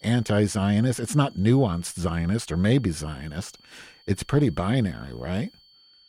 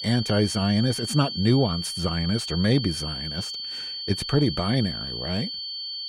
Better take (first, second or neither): first